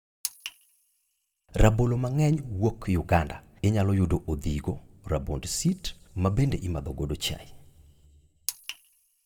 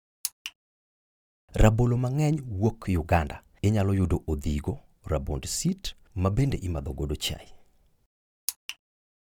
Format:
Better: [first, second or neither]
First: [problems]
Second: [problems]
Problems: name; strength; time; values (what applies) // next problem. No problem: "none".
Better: second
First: room echo; dies away in 1.9 s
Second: none